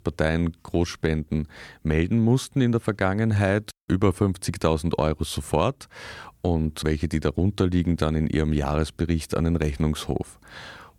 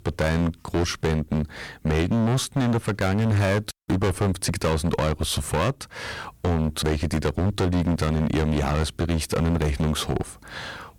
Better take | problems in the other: first | distortion; heavy; 17% of the sound clipped

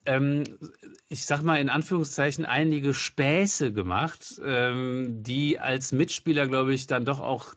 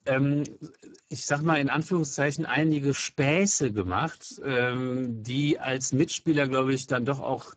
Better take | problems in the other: first | garbled, watery; badly; nothing above 7.5 kHz; slightly in the first

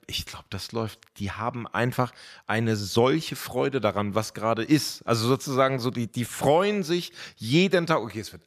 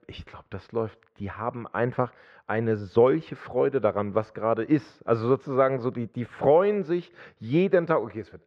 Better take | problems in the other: first | muffled; very; fading above 1.5 kHz

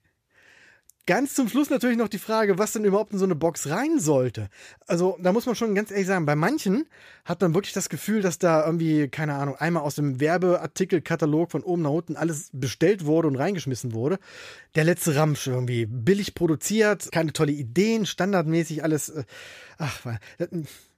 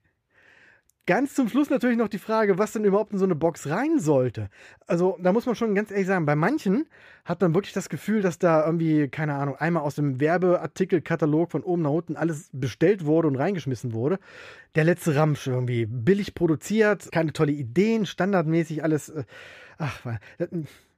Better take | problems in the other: first | muffled; slightly; fading above 3.5 kHz

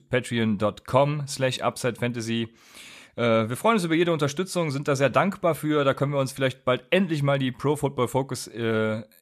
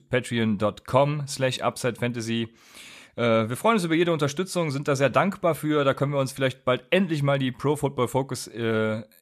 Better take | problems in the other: neither | none

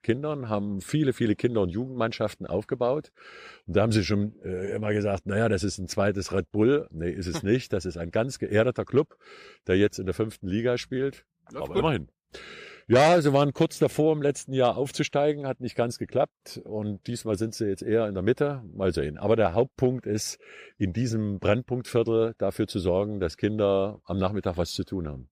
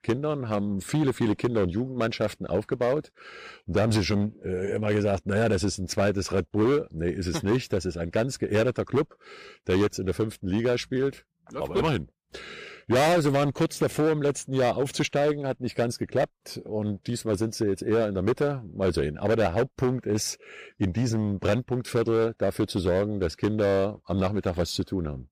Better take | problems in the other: first | distortion; slight; 9% of the sound clipped

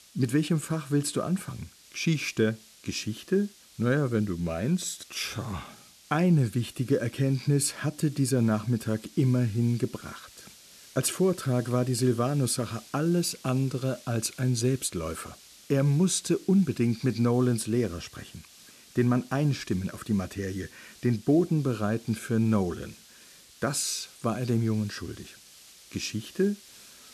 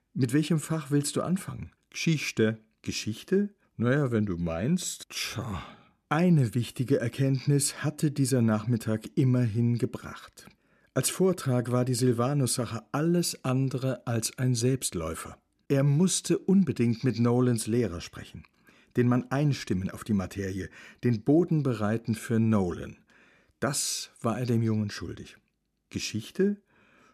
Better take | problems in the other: second | hiss; faint; throughout; 20 dB below the speech

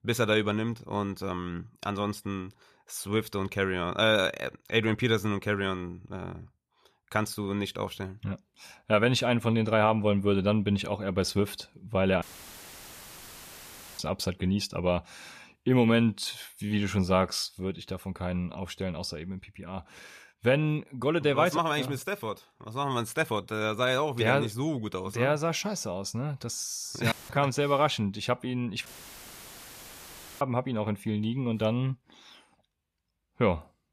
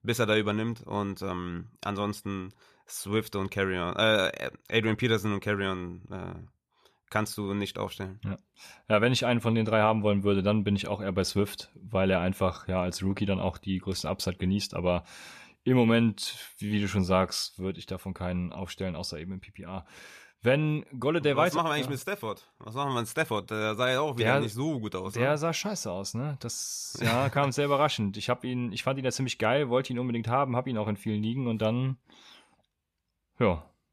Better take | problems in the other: second | audio cutting out; filled with static; at 12 s for 2 s, at 27 s and at 29 s for 1.5 s

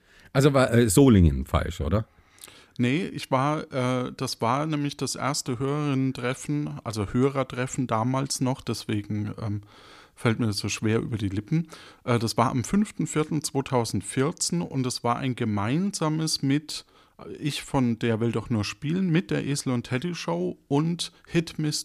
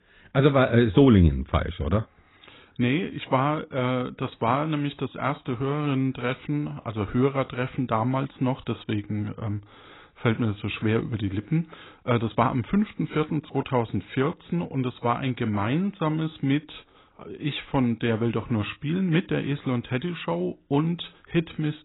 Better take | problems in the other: first | garbled, watery; badly; nothing above 4 kHz

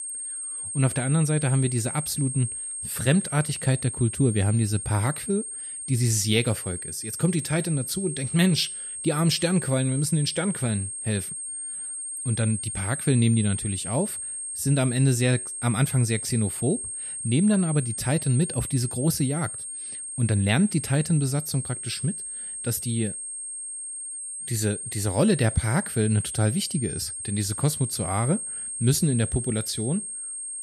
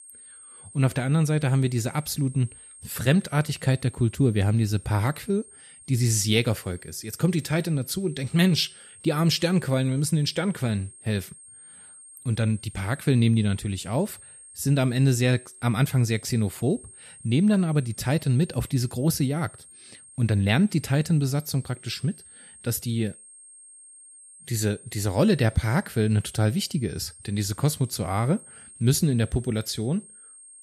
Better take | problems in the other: second | high-pitched whine; loud; throughout; 8.5 kHz, 6 dB below the speech; faint in the second

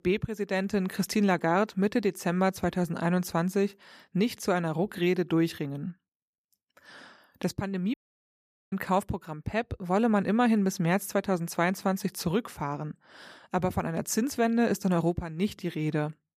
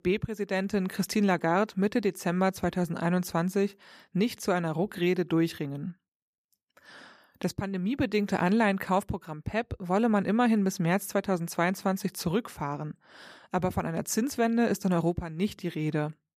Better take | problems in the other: second | audio cutting out; at 8 s for 1 s

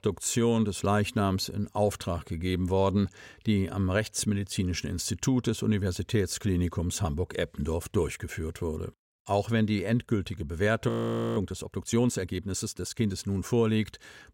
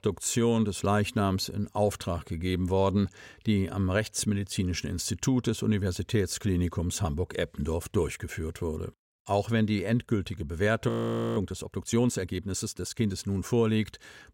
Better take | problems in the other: neither | audio freezing; at 11 s; the same in both

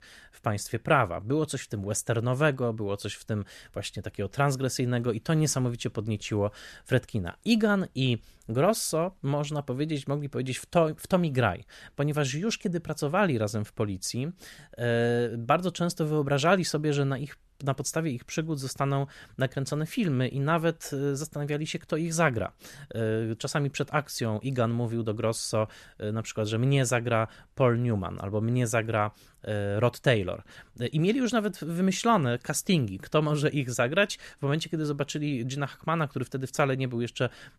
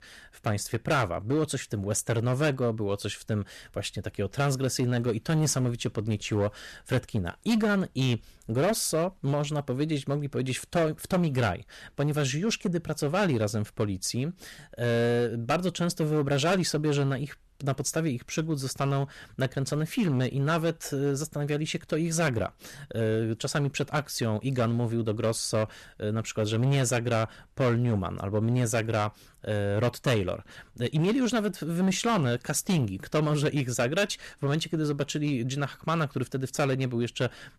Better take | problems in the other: first | distortion; slight; 7% of the sound clipped

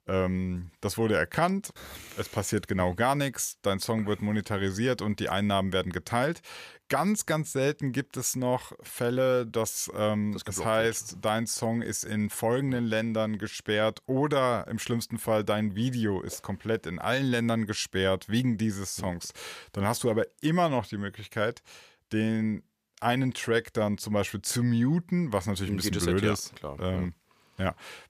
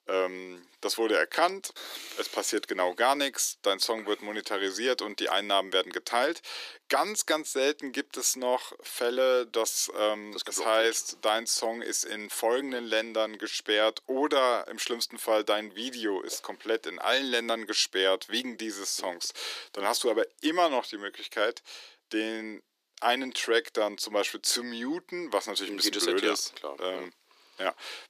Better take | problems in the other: first | thin; somewhat; fading below 300 Hz

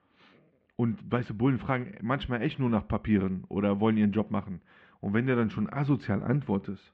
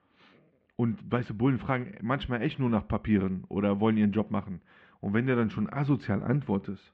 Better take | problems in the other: neither | muffled; very; fading above 3 kHz; the same in both

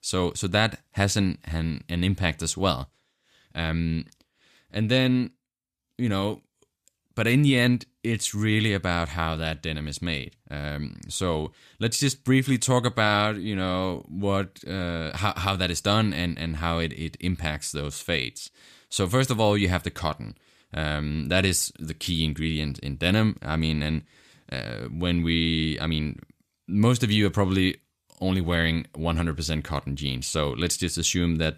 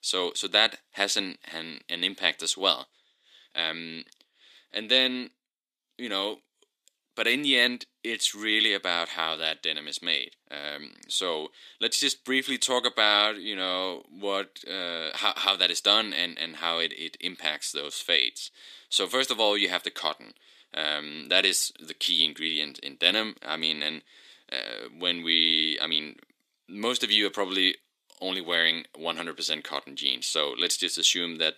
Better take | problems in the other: first | thin; somewhat; fading below 300 Hz

